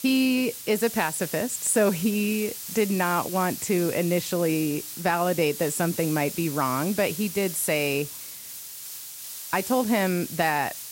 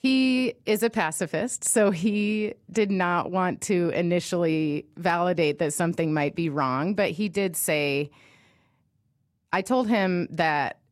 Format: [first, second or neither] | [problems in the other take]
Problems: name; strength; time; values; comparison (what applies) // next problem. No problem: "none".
second | hiss; loud; throughout; 9 dB below the speech